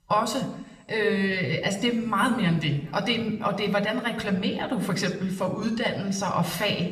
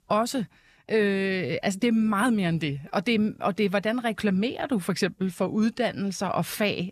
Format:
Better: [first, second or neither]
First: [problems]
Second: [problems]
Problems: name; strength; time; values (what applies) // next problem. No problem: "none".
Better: second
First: room echo; slight; dies away in 0.7 s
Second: none